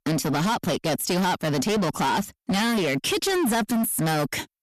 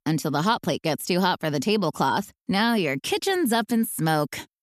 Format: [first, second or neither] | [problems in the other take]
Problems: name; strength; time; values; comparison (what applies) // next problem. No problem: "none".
second | distortion; heavy; 30% of the sound clipped